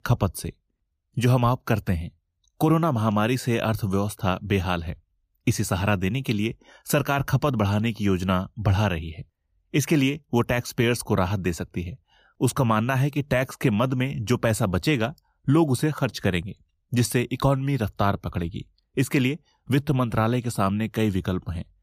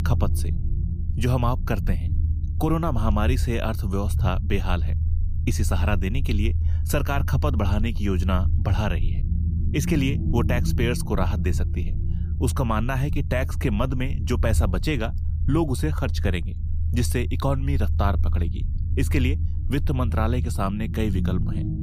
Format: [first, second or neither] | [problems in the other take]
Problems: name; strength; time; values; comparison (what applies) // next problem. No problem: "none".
first | low rumble; noticeable; throughout; 10 dB below the speech